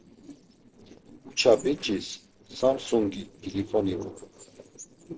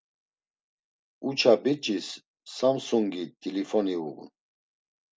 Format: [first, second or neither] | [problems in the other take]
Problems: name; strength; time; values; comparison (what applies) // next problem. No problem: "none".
second | noise reduction (neural separator model SepFormer DNS4)